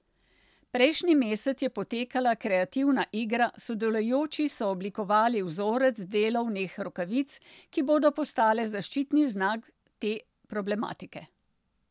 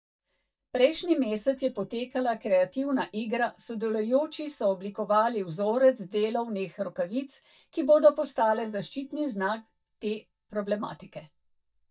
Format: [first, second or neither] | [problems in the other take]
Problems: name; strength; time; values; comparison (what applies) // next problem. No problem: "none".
first | noise reduction (neural mask model DeepFilterNet 3)